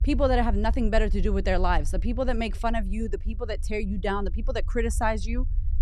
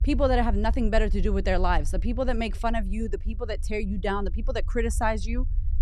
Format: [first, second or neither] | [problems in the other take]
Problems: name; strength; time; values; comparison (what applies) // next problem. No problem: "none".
neither | low rumble; faint; throughout; 25 dB below the speech; the same in both